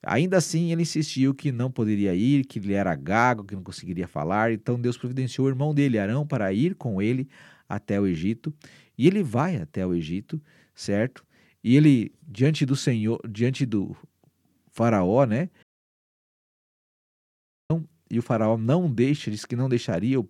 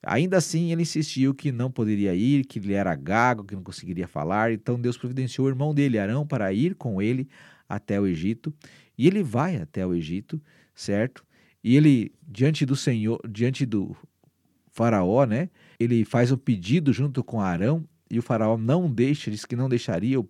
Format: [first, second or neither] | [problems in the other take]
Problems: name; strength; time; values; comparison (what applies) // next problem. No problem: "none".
second | audio cutting out; at 16 s for 2 s